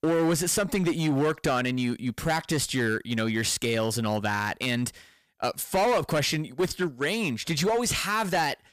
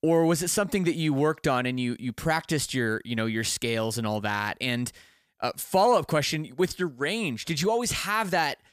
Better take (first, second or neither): second